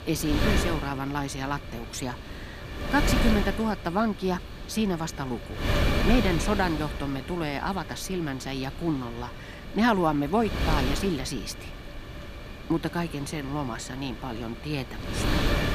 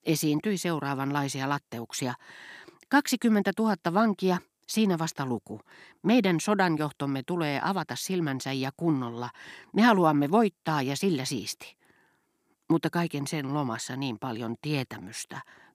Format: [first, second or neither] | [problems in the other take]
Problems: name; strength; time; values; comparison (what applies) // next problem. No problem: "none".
second | wind noise on the microphone; heavy; 4 dB below the speech